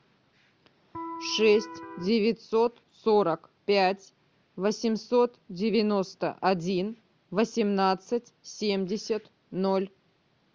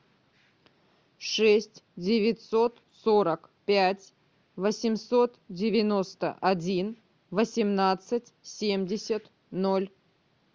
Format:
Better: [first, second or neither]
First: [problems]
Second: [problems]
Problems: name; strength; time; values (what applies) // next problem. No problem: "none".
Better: second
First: background sound (Electric guitar); 11 dB below the speech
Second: none